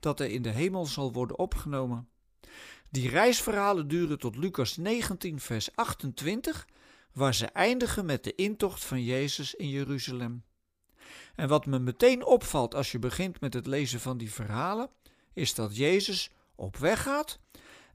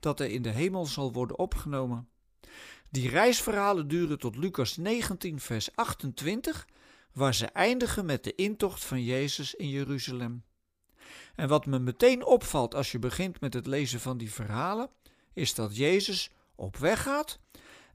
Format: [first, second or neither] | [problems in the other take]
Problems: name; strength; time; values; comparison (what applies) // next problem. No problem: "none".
neither | none